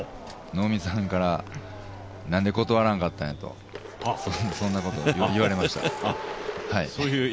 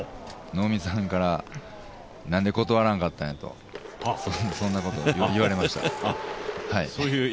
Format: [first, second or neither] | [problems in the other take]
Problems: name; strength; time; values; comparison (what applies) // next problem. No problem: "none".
second | background sound (Bowed string instrument); 20 dB below the speech